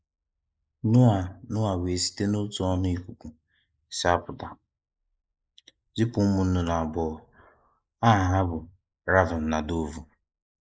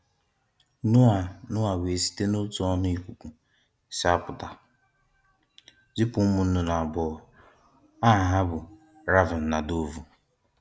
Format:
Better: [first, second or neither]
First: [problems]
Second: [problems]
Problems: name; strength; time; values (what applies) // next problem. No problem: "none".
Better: second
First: noise reduction (neural mask model Resemble Enhance denoiser)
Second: none